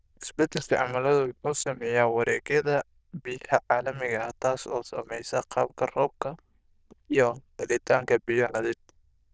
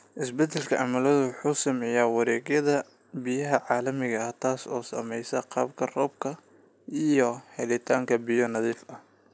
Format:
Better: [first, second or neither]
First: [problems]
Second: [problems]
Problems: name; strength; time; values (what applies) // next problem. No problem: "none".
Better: second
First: noise reduction (neural diffusion model UNIVERSE++)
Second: none